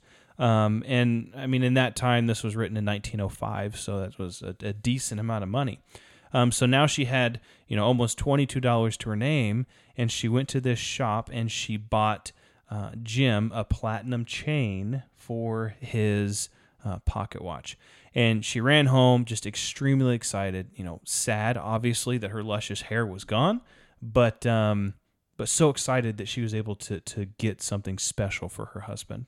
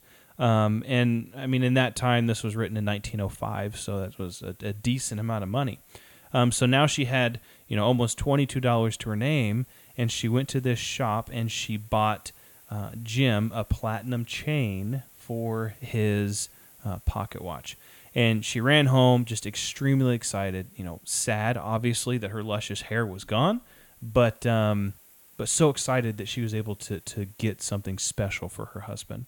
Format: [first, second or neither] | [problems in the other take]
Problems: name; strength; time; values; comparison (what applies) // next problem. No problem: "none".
first | hiss; faint; throughout; 25 dB below the speech